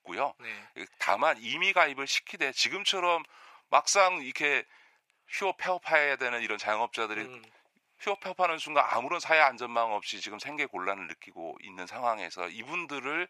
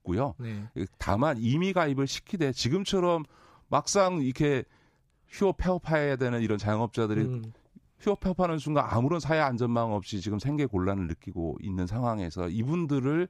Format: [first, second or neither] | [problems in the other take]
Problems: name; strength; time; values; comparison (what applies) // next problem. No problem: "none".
second | thin; very; fading below 750 Hz